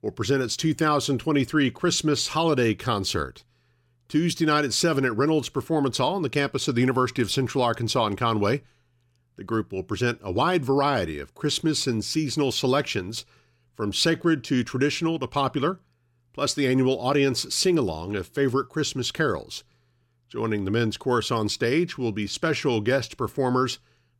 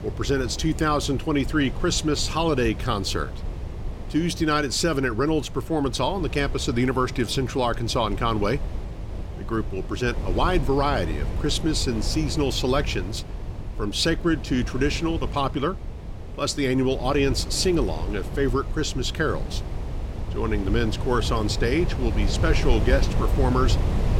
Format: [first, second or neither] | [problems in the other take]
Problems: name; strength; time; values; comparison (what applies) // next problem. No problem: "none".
first | wind noise on the microphone; occasional gusts; 15 dB below the speech